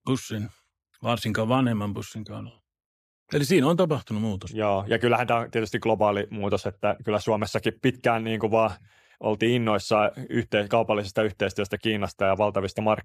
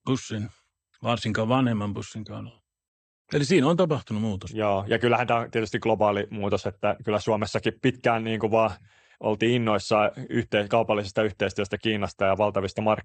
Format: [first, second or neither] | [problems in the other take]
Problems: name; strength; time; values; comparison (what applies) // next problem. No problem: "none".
first | garbled, watery; slightly; nothing above 8.5 kHz